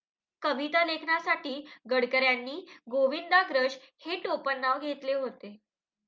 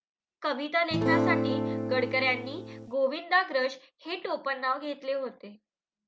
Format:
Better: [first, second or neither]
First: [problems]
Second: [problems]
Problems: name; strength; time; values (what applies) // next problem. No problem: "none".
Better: first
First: none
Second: background sound (Acoustic guitar / Strum); 1 dB above the speech